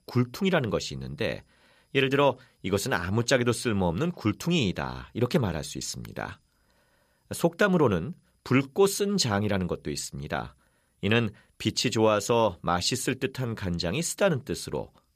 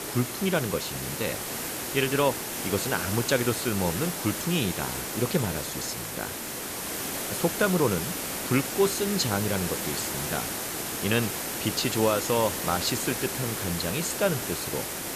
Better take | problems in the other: first | hiss; loud; throughout; 2 dB below the speech

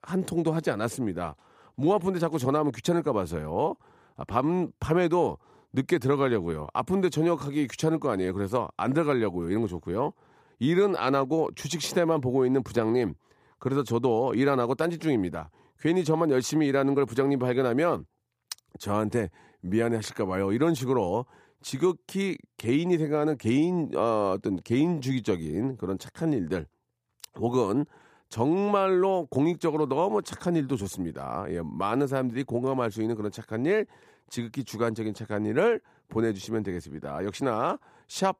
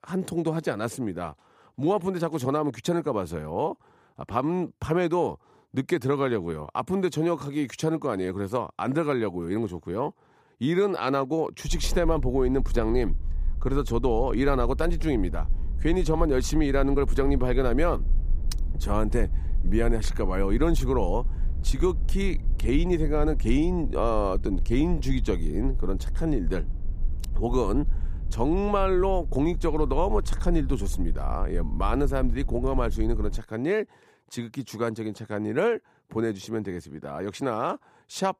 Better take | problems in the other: first | low rumble; faint; from 12 to 33 s; 25 dB below the speech

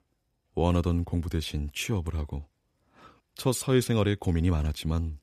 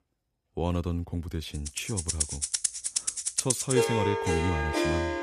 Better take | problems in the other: first | background music; very loud; from 2 s on; 3 dB above the speech

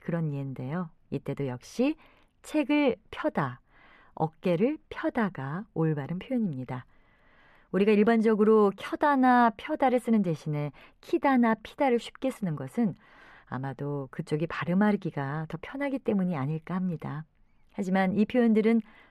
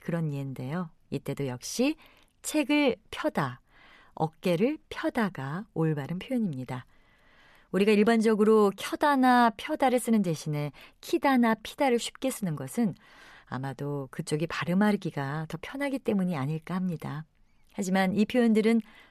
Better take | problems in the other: second | muffled; slightly; fading above 3.5 kHz

